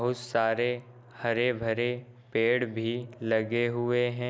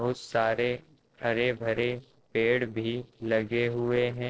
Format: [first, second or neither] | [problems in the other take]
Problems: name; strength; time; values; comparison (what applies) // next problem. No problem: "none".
first | noise reduction (neural separator model SepFormer DNS4)